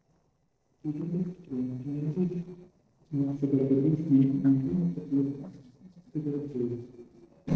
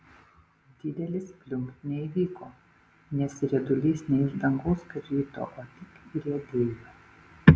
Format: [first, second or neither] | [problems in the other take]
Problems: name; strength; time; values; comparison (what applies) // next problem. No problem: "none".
second | noise reduction (neural separator model SepFormer DNS4)